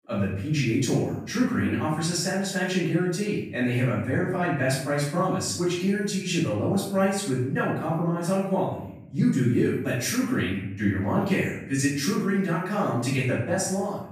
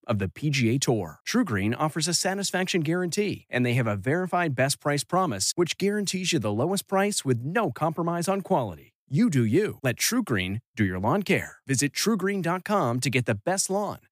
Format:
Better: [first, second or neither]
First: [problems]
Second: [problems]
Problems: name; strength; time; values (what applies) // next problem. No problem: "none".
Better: second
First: off-mic speech; far // room echo; noticeable; dies away in 0.7 s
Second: none